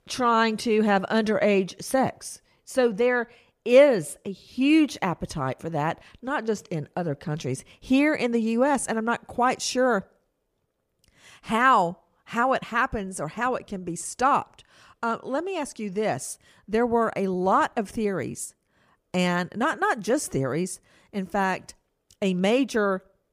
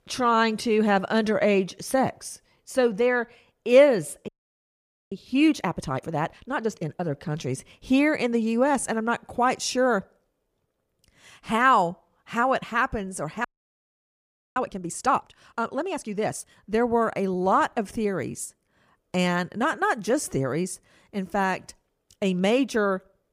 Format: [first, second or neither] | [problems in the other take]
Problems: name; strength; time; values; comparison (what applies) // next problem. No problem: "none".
first | audio freezing; at 4.5 s for 1 s and at 13 s for 1 s